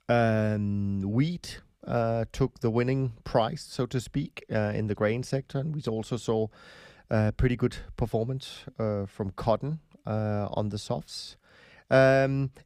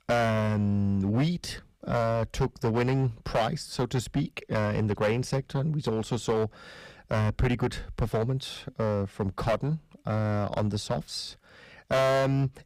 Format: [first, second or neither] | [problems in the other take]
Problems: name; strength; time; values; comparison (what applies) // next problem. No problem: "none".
first | distortion; heavy; 10% of the sound clipped